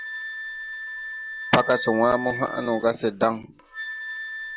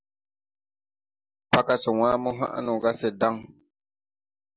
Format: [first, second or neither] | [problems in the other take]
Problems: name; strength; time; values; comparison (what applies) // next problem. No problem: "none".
second | background sound (Wind instrument, woodwind instrument); 8 dB below the speech